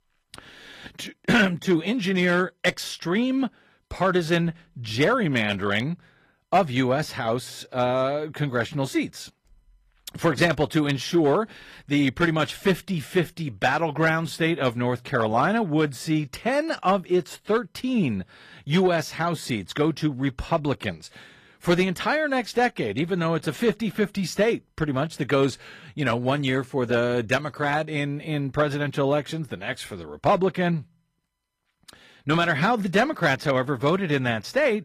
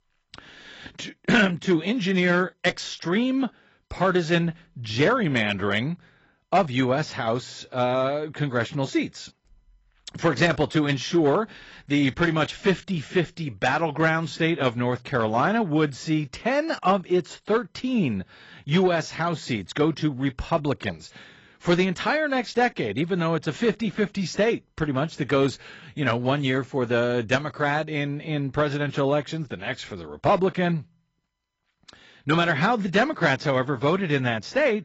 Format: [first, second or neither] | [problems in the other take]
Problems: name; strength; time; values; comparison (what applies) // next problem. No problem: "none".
first | garbled, watery; badly; nothing above 7.5 kHz; slightly in the first